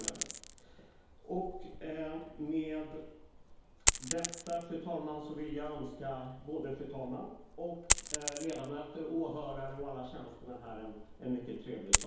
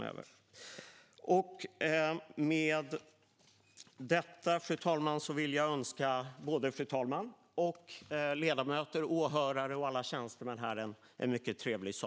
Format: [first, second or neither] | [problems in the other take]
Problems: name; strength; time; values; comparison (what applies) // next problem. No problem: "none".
second | background sound (Coin (dropping)); 2 dB above the speech // room echo; dies away in 2.2 s